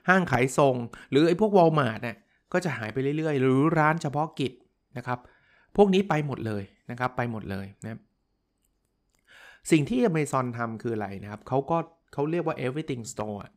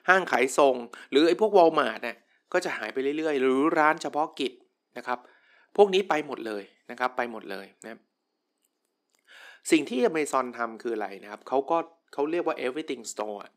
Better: first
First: none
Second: thin; somewhat; fading below 300 Hz

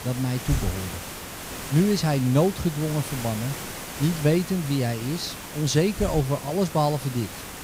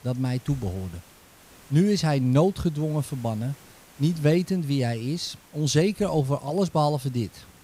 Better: second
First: hiss; loud; throughout; 9 dB below the speech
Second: hiss; faint; throughout; 25 dB below the speech

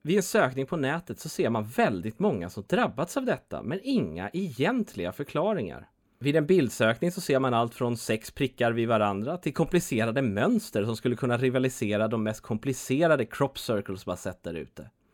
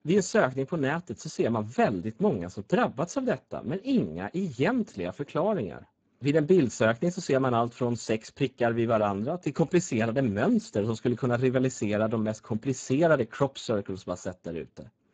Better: first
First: none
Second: garbled, watery; badly; nothing above 7.5 kHz

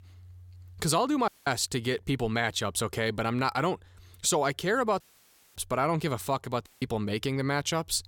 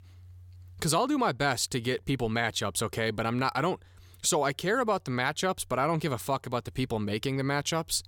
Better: second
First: audio cutting out; at 1.5 s, at 5 s for 0.5 s and at 6.5 s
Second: none

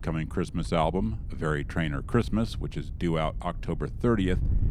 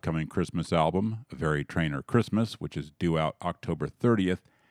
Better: second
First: wind noise on the microphone; occasional gusts; 20 dB below the speech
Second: none

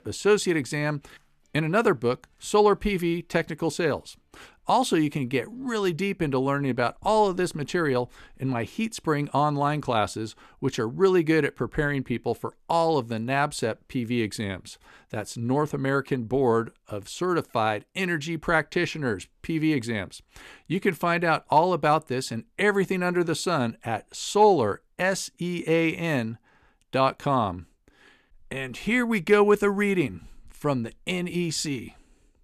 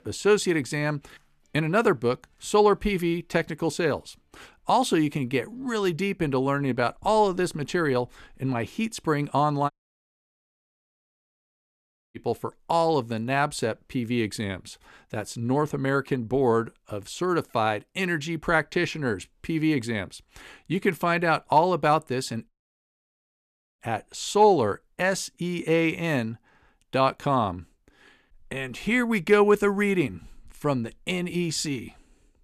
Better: first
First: none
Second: audio cutting out; at 9.5 s for 2.5 s and at 23 s for 1.5 s

